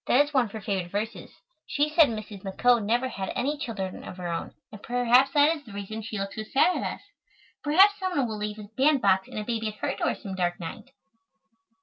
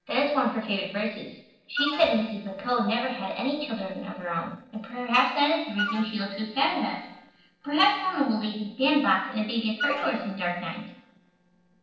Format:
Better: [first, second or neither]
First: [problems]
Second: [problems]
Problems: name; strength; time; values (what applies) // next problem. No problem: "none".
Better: first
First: none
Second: noise reduction (neural separator model SepFormer DNS4)